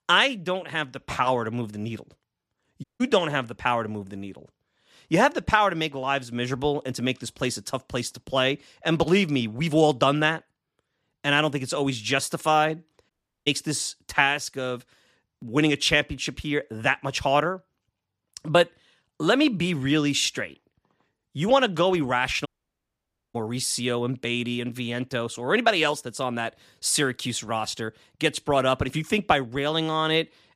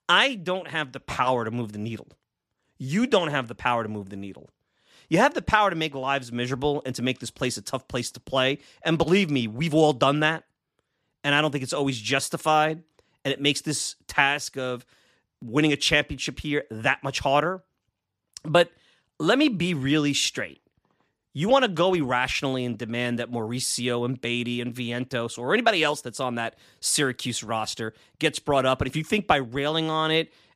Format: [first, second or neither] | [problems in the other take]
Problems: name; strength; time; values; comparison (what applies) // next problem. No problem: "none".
second | audio cutting out; at 3 s, at 13 s and at 22 s for 1 s